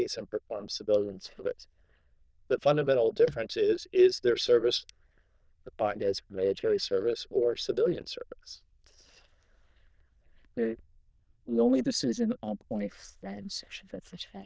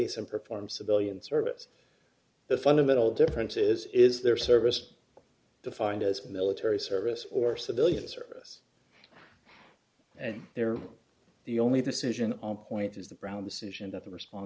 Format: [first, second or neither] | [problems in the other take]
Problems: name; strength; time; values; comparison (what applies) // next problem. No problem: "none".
second | noise reduction (neural diffusion model UNIVERSE++)